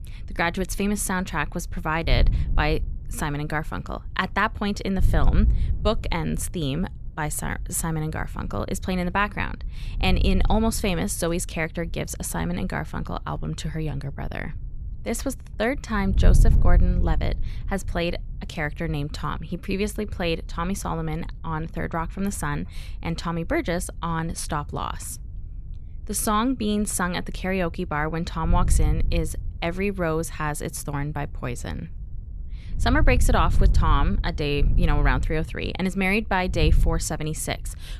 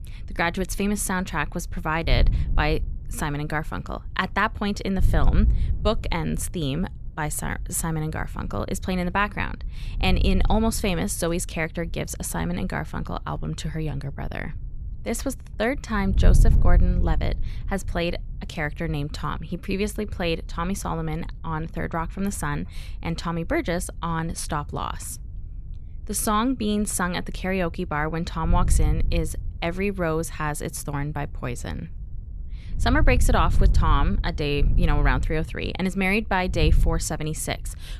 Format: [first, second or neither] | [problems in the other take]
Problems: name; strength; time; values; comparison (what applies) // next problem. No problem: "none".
neither | wind noise on the microphone; occasional gusts; 20 dB below the speech; the same in both